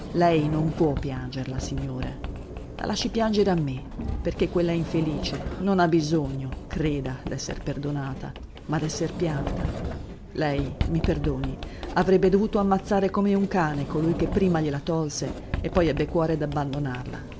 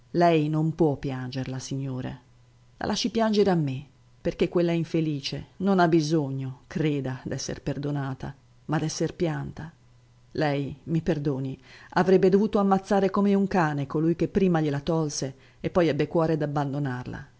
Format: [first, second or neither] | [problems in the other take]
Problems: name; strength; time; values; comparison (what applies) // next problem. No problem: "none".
second | background sound (Sliding door); 8 dB below the speech